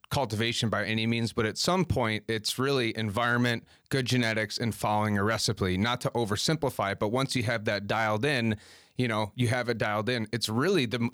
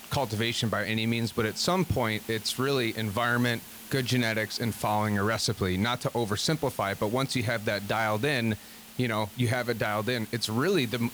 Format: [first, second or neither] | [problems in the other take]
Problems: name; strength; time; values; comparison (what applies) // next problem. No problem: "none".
first | hiss; noticeable; throughout; 15 dB below the speech